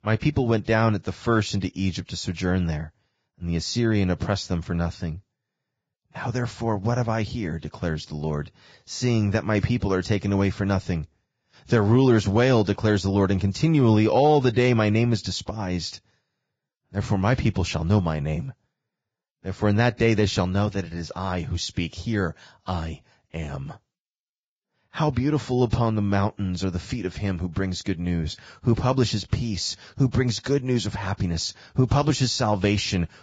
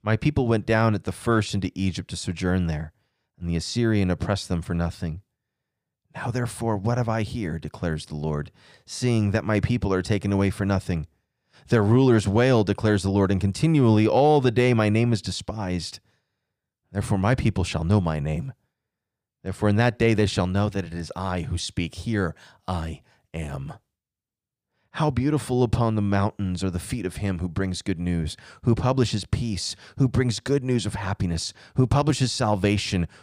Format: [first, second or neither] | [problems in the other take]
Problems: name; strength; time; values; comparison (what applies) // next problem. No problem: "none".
second | garbled, watery; badly; nothing above 7.5 kHz